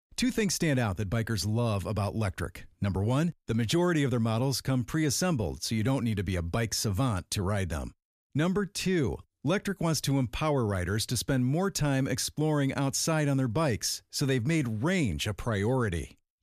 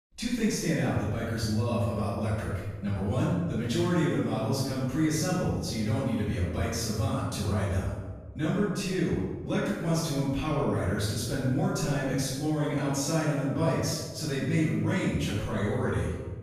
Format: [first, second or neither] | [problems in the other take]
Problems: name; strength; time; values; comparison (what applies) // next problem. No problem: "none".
first | off-mic speech; far // room echo; strong; dies away in 1.2 s